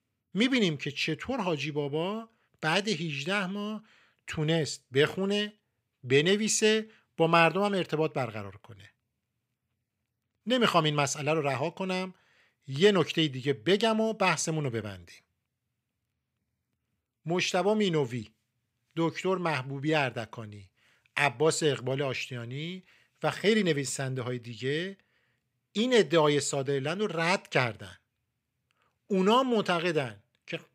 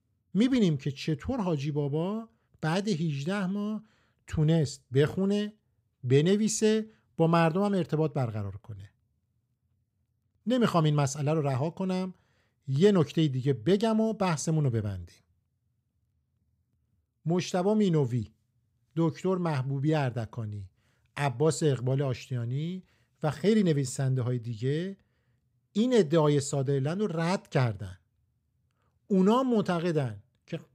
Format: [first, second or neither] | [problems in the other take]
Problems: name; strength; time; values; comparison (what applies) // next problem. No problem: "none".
second | thin; very slightly; fading below 800 Hz